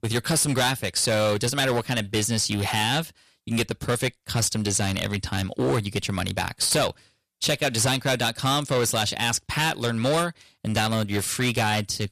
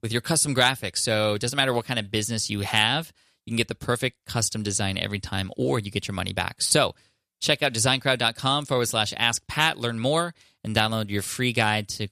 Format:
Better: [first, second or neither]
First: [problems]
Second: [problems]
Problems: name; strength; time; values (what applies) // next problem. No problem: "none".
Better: second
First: distortion; heavy; 12% of the sound clipped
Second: none